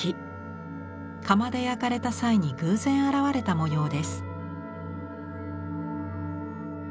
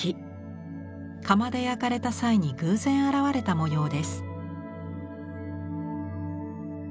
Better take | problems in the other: second | background sound (Wind instrument, woodwind instrument); 18 dB below the speech

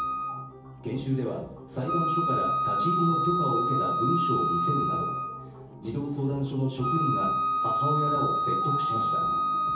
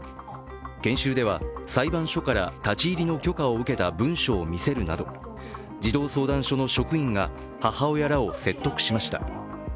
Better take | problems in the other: second | background sound (Wind instrument, woodwind instrument); 3 dB above the speech // room echo; dies away in 0.7 s

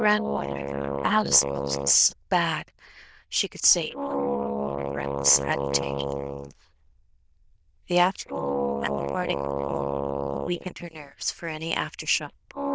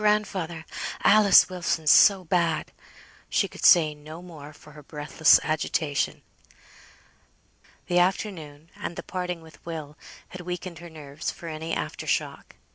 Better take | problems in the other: second | noise reduction (neural diffusion model UNIVERSE++)

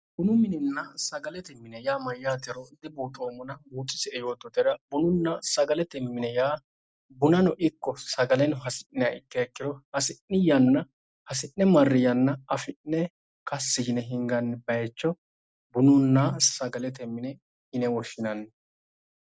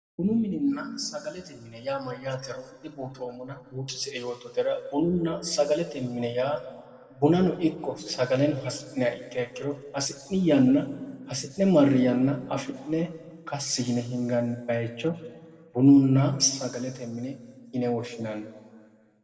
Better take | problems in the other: first | room echo; dies away in 1.3 s

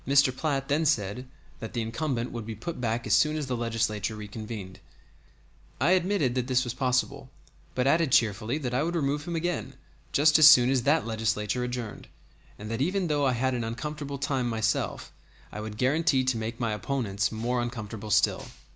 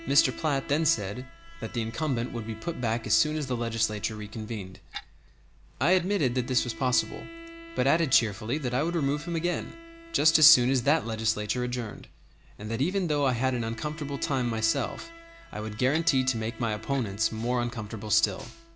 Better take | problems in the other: first | background sound (Bowed string instrument + Clock); 18 dB below the speech

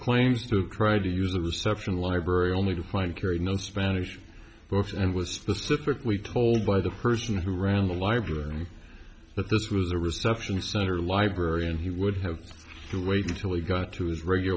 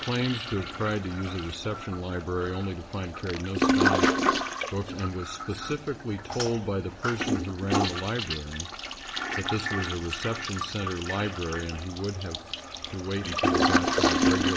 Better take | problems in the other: first | background sound (Toilet flush); 2 dB above the speech

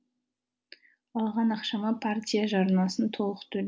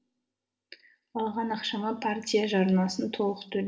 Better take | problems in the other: first | room echo; dies away in 0.5 s

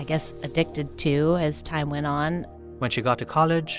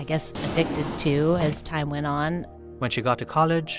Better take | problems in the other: first | background sound (Drawer open or close); 8 dB below the speech

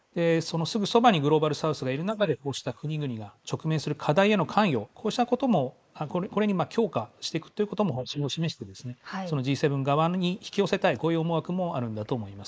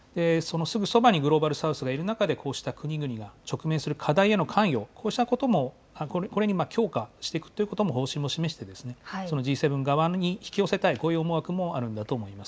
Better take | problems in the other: second | noise reduction (neural mask model Resemble Enhance denoiser)

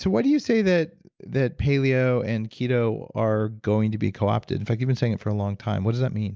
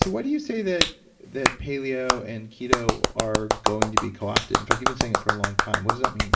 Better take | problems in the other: first | background sound (Clapping); 4 dB above the speech // room echo; dies away in 0.6 s

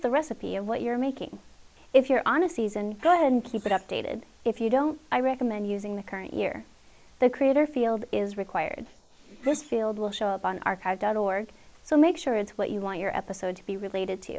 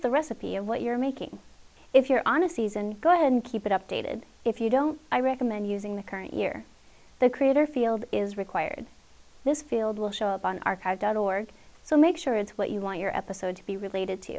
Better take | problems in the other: second | noise reduction (neural mask model Resemble Enhance denoiser)

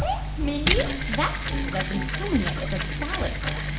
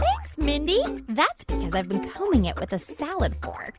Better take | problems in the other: second | background sound (Mechanisms); 1 dB above the speech // room echo; dies away in 0.7 s

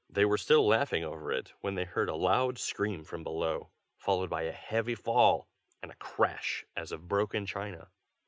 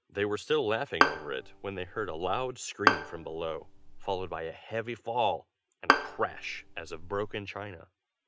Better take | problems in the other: first | background sound (Bowed string instrument); 3 dB above the speech

